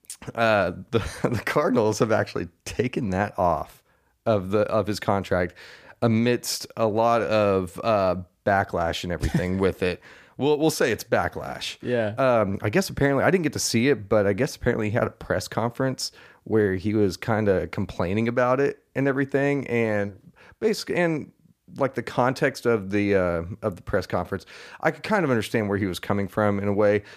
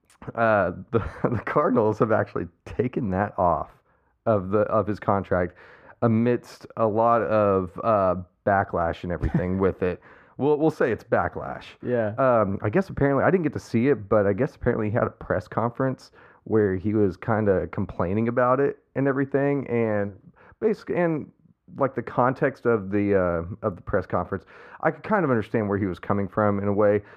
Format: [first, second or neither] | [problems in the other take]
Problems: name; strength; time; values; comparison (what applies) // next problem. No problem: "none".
first | muffled; very; fading above 3 kHz